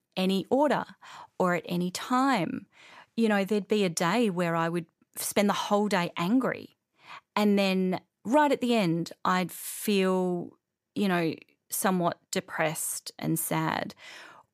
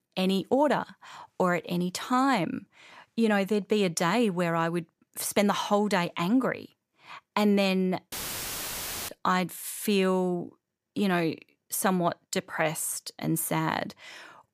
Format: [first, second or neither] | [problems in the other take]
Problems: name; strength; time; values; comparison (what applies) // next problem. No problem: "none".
first | audio cutting out; filled with static; at 8 s for 1 s